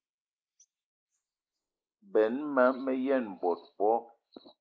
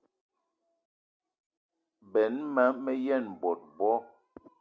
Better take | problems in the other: second | noise reduction (neural mask model Resemble Enhance denoiser)

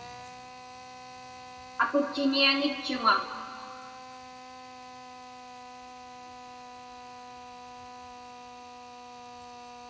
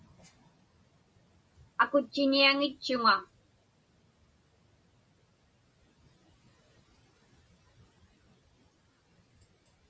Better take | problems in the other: second | background sound (Drill); 12 dB below the speech // room echo; dies away in 1.8 s

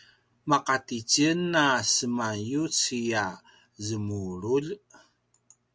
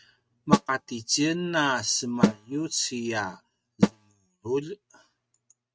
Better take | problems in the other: first | noise reduction (neural mask model RNNoise)

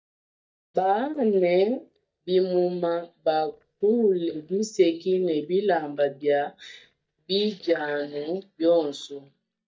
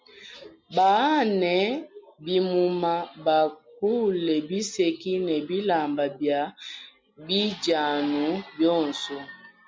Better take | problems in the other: second | noise reduction (neural mask model DeepFilterNet 3)

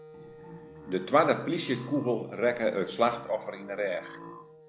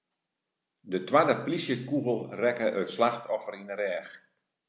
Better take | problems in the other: second | background sound (Wind instrument, woodwind instrument + Burping, eructation); 17 dB below the speech

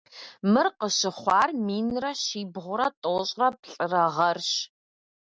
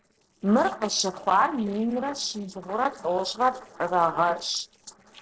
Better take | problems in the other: first | noise reduction (neural separator model SepFormer DNS4)

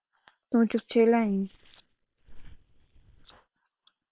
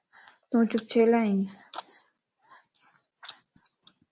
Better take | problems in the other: second | noise reduction (neural separator model SepFormer WHAM!)

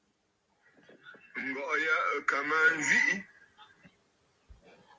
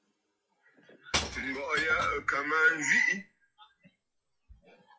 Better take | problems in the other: first | noise reduction (classical method log-MMSE)

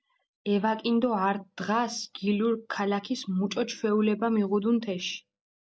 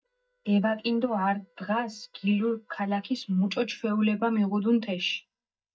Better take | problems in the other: first | noise reduction (neural mask model DeepFilterNet 3)

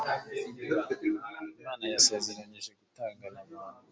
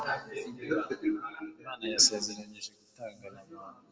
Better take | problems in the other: first | room echo; dies away in 0.6 s

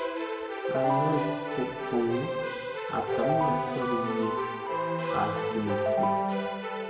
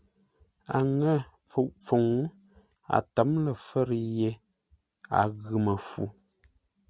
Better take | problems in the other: second | background sound (Keyboard (musical)); 4 dB above the speech // room echo; dies away in 1.3 s

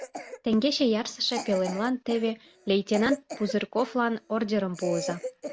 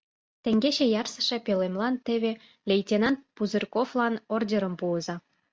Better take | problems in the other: second | background sound (Cough); 11 dB below the speech

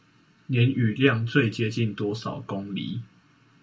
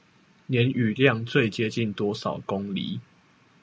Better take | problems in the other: second | room echo; dies away in 0.2 s

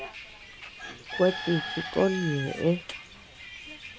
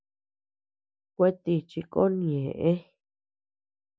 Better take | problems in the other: second | background sound (Bird / Chicken, rooster + Bus); 9 dB below the speech

